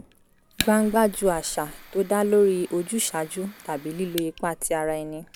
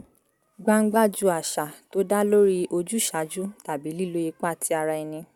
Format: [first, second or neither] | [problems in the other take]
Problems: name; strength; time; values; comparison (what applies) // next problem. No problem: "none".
second | background sound (Fire); 15 dB below the speech